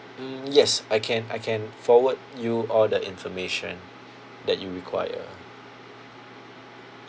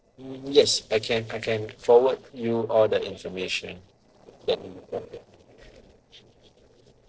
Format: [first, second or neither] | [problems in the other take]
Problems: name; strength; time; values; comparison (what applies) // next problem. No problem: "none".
first | noise reduction (neural separator model SepFormer DNS4)